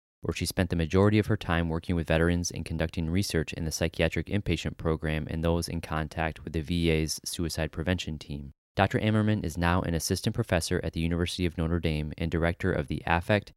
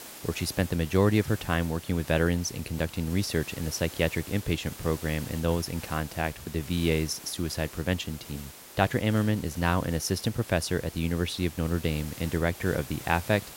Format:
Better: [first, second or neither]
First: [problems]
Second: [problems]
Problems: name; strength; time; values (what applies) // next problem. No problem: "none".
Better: first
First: none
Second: hiss; noticeable; throughout; 15 dB below the speech